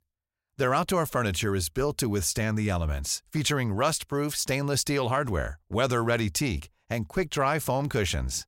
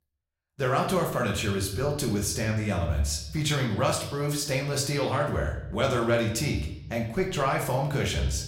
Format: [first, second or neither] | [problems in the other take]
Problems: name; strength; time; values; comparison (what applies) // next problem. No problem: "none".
first | room echo; slight; dies away in 0.8 s // off-mic speech; somewhat distant